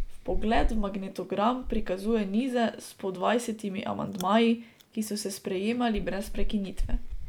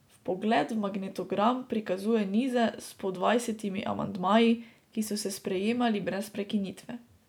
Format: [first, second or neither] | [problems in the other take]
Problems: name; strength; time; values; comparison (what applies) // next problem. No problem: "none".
second | background sound (Chewing, mastication); 4 dB below the speech